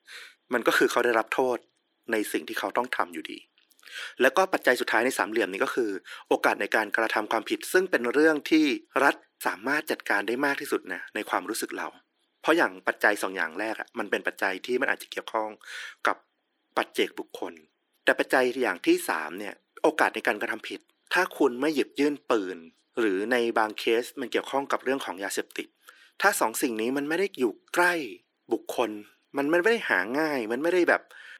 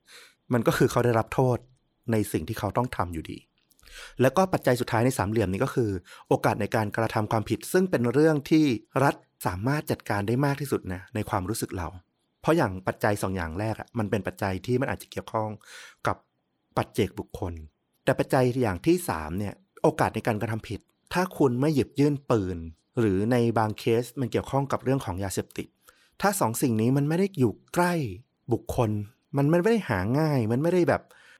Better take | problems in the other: second | thin; somewhat; fading below 300 Hz

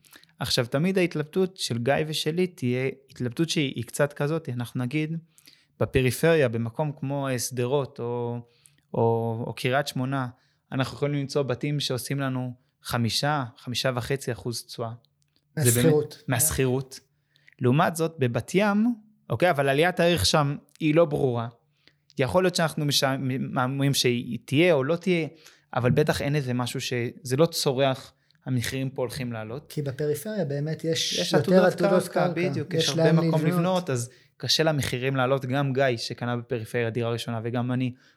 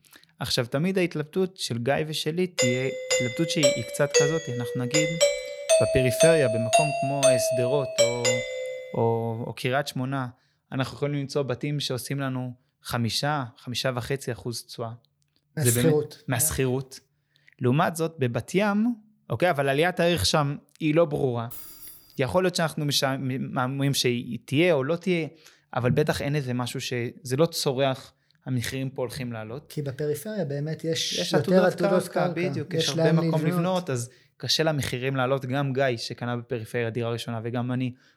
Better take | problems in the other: first | doorbell; loud; from 2.5 to 8.5 s; peak 5 dB above the speech // jangling keys; faint; at 22 s; peak 10 dB below the speech

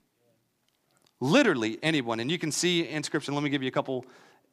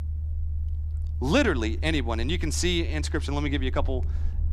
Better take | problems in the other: first | low rumble; faint; throughout; 20 dB below the speech

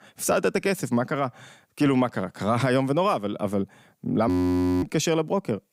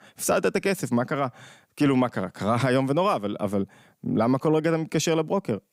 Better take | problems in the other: second | audio freezing; at 4.5 s for 0.5 s

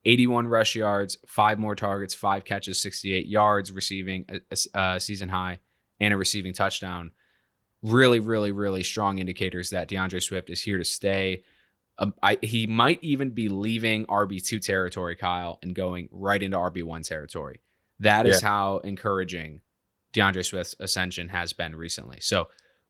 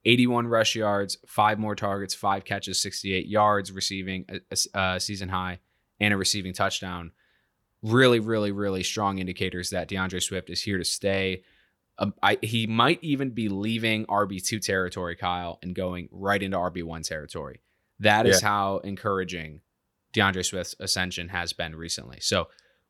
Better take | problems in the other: second | garbled, watery; slightly

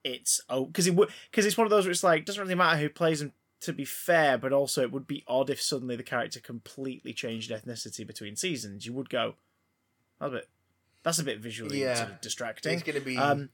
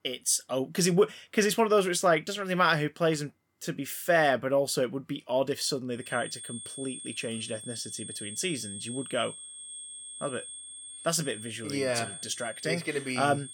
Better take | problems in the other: first | high-pitched whine; noticeable; from 6 s on; 8.5 kHz, 10 dB below the speech

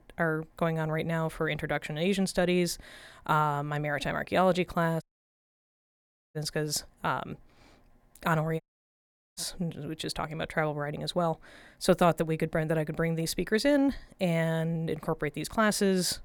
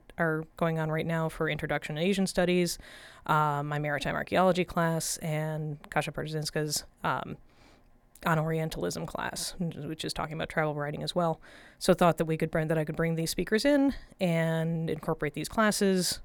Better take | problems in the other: second | audio cutting out; at 5 s for 1.5 s and at 8.5 s for 1 s

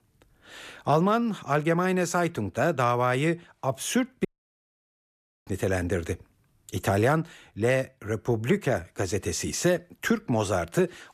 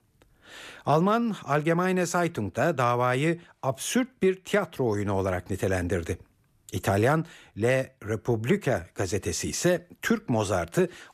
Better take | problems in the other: second | audio cutting out; at 4.5 s for 1 s

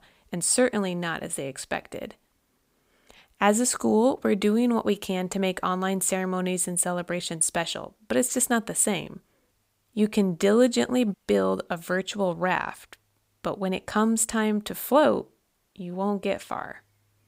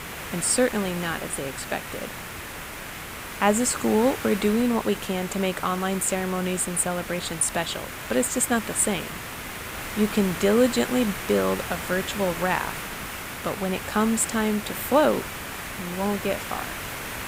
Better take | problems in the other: first | hiss; loud; throughout; 8 dB below the speech

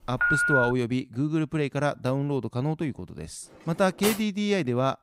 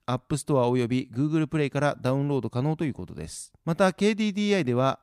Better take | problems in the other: second | phone ringing; loud; at the start; peak 5 dB above the speech // clattering dishes; noticeable; at 3.5 s; peak 4 dB below the speech

